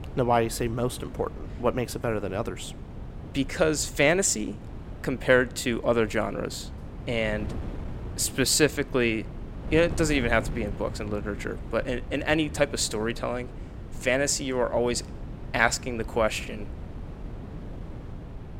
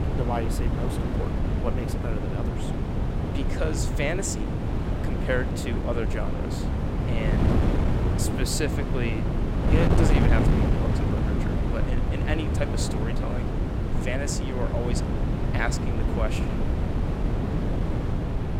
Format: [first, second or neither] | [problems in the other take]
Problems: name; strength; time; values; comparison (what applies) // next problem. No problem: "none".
first | wind noise on the microphone; heavy; as loud as the speech; occasional gusts in the first